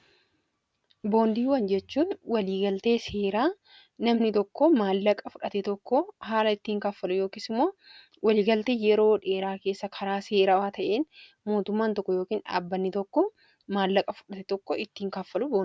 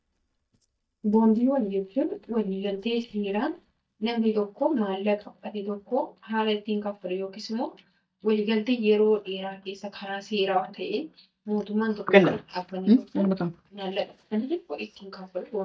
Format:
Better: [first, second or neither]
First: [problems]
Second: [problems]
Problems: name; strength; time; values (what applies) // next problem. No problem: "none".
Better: first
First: none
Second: noise reduction (neural mask model DeepFilterNet 3)